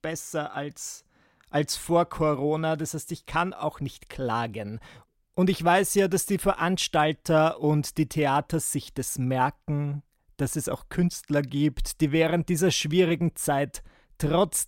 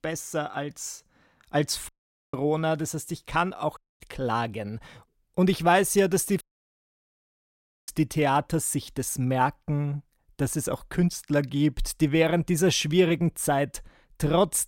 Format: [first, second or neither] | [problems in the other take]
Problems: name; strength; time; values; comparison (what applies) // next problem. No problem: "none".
first | audio cutting out; at 2 s, at 4 s and at 6.5 s for 1.5 s